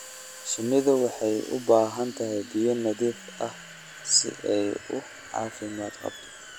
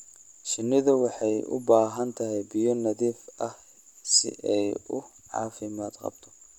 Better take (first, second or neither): second